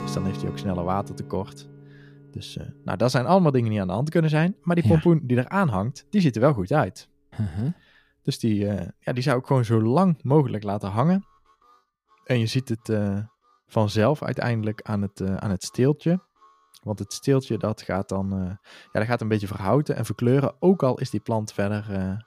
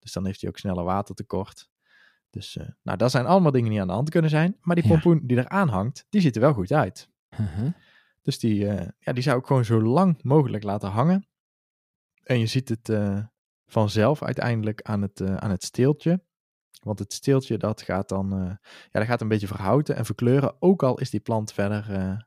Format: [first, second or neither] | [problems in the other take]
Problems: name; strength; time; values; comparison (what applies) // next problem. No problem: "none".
second | background music; noticeable; throughout; 15 dB below the speech